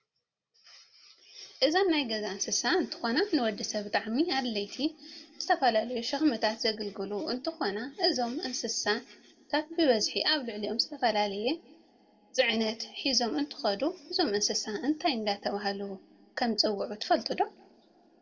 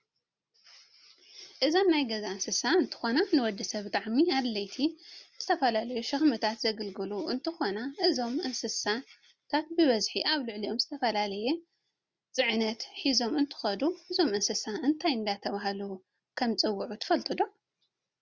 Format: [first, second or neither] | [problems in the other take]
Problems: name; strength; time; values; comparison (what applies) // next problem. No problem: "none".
second | room echo; dies away in 1.4 s